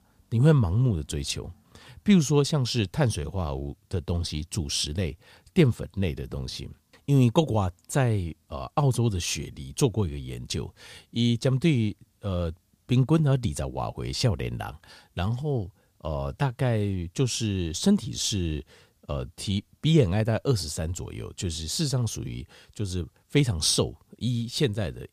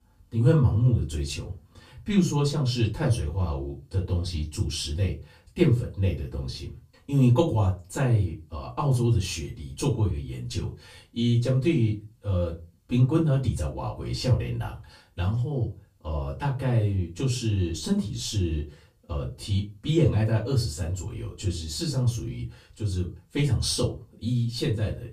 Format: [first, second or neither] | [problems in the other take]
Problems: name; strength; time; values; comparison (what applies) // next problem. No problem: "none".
first | off-mic speech; far // room echo; very slight; dies away in 0.2 s